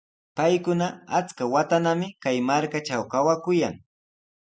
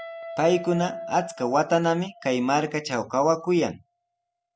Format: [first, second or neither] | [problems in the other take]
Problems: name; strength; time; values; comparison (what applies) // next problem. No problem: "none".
first | background sound (Guitar); 15 dB below the speech